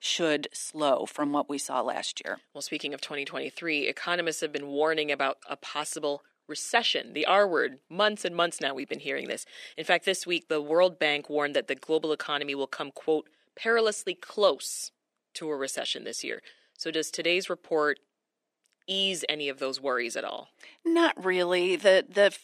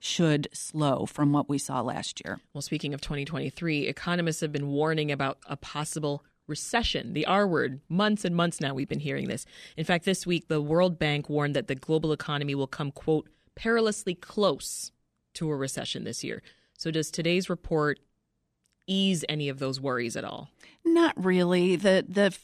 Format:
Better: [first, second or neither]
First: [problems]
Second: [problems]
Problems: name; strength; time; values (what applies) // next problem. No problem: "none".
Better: second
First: thin; somewhat; fading below 350 Hz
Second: none